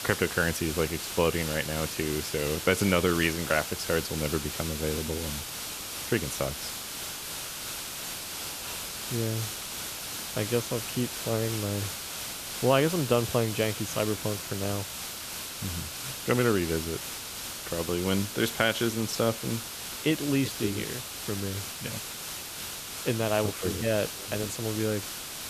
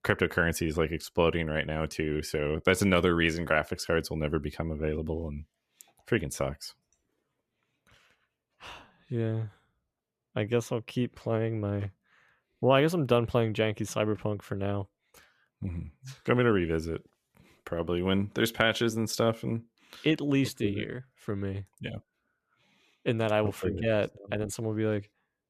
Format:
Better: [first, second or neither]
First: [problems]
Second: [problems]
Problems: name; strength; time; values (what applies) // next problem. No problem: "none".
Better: second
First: hiss; loud; throughout; 5 dB below the speech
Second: none